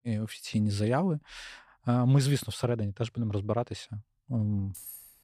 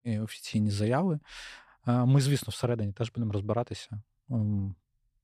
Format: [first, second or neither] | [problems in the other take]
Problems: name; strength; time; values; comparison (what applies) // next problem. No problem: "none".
second | jangling keys; faint; at 4.5 s; peak 15 dB below the speech